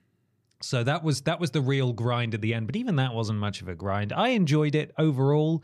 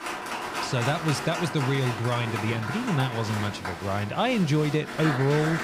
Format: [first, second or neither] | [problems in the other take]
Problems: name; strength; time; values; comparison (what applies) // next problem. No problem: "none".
first | crowd noise; loud; throughout; 6 dB below the speech